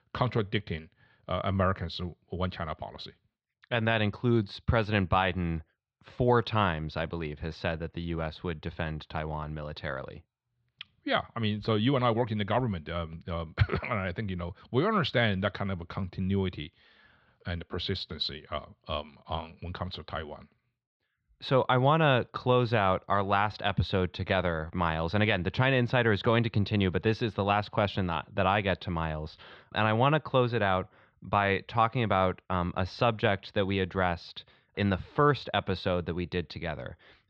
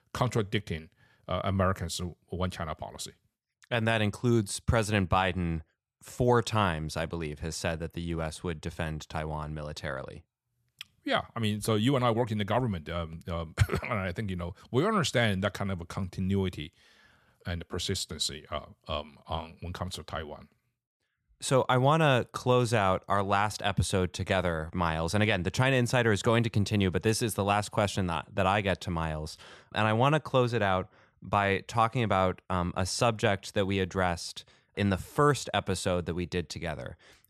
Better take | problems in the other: second | muffled; very slightly; fading above 4 kHz

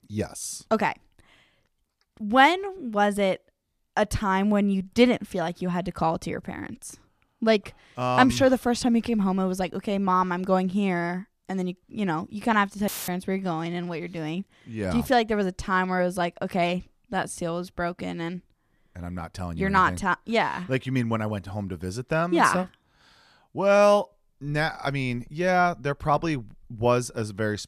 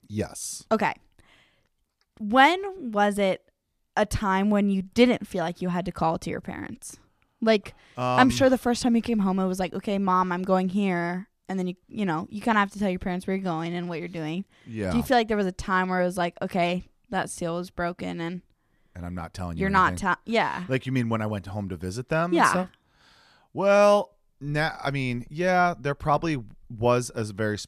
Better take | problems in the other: second | audio cutting out; filled with static; at 13 s

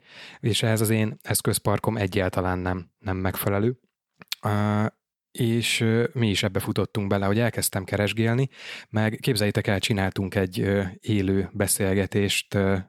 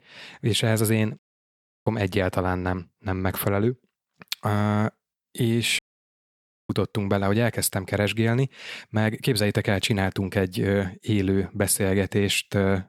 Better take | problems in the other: first | audio cutting out; at 1 s for 0.5 s and at 6 s for 1 s

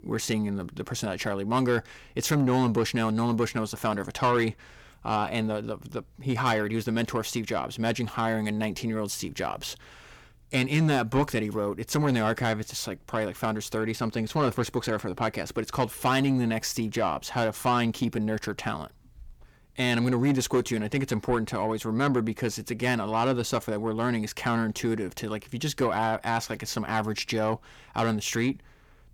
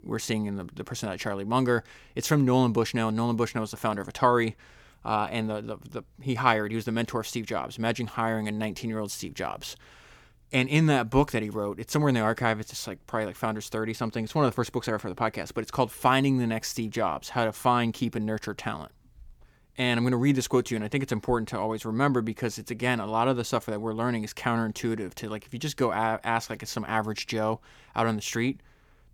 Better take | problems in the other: second | distortion; slight; 10 dB below the speech

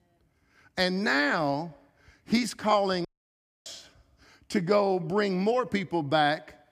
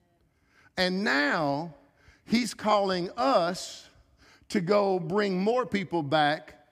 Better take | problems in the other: second | audio cutting out; at 3 s for 0.5 s

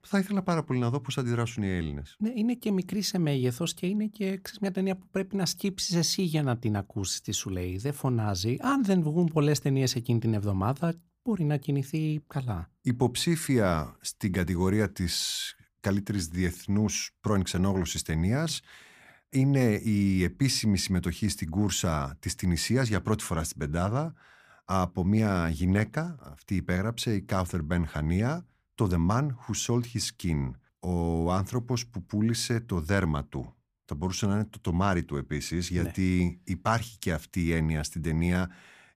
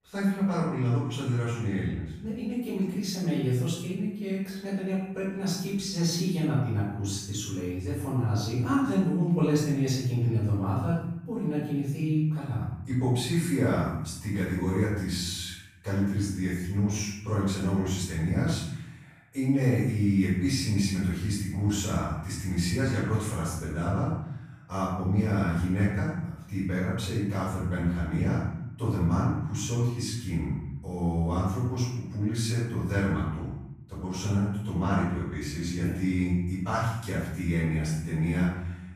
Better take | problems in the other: first | off-mic speech; far // room echo; strong; dies away in 0.8 s

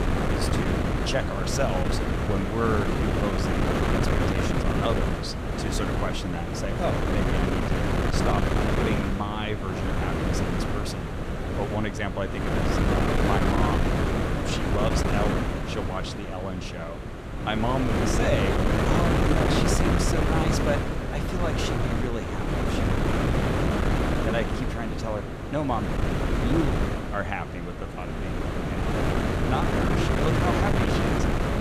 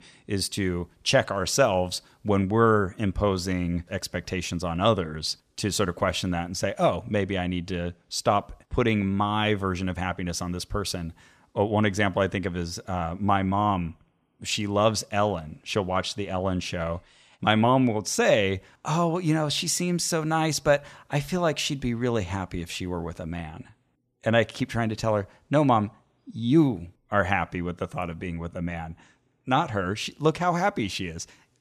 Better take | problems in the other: second | wind noise on the microphone; heavy; 3 dB above the speech

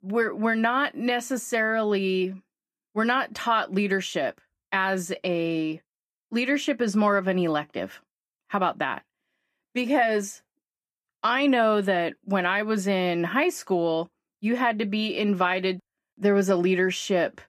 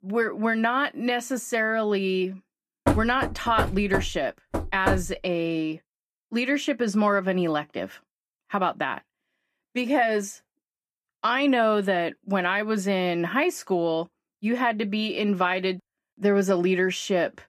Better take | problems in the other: first | door banging; noticeable; from 3 to 5 s; peak level with the speech

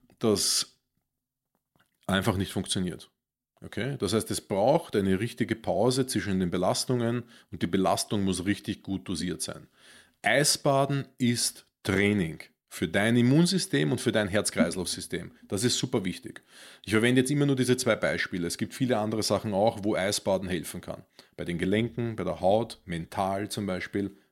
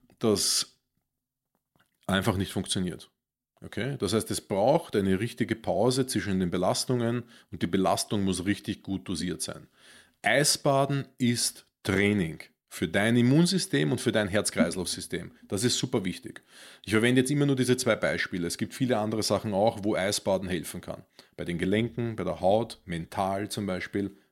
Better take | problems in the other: neither | none

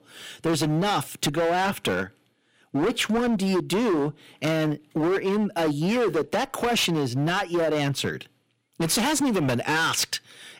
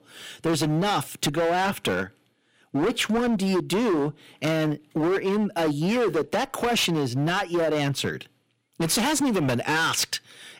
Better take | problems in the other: neither | distortion; heavy; 21% of the sound clipped; the same in both

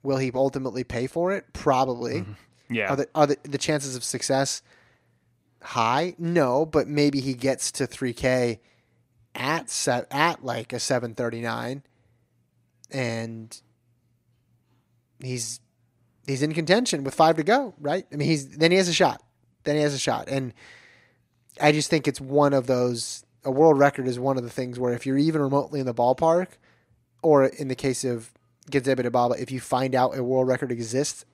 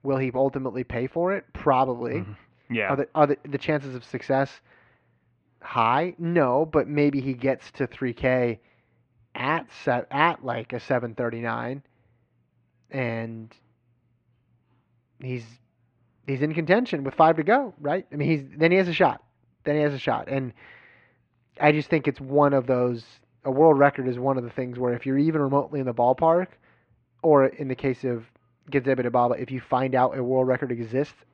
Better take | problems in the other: first | muffled; very; fading above 3 kHz

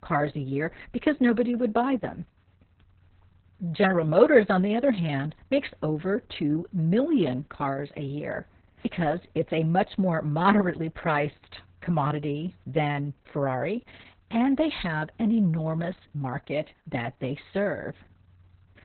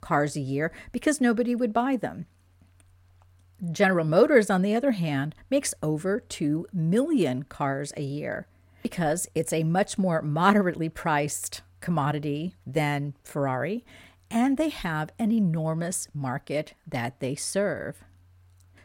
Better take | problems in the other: second | garbled, watery; badly; nothing above 4 kHz

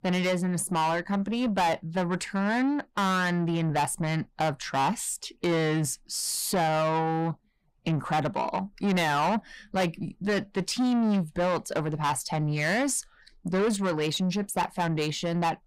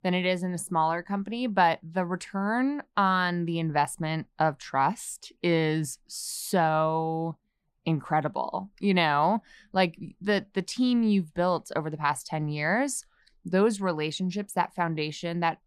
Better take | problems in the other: second | distortion; heavy; 7 dB below the speech

